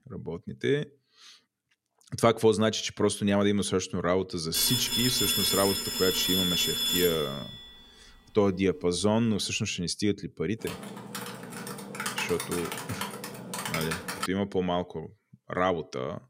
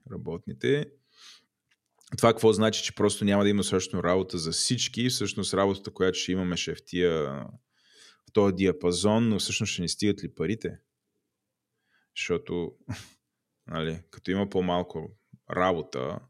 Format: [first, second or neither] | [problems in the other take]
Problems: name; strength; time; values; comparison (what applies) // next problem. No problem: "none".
second | phone ringing; loud; from 4.5 to 7.5 s; peak 4 dB above the speech // keyboard typing; noticeable; from 11 to 14 s; peak 3 dB below the speech